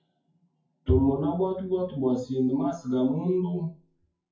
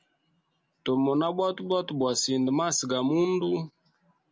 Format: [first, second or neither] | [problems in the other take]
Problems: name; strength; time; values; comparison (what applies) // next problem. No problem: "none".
second | noise reduction (classical method WPE with log-MMSE)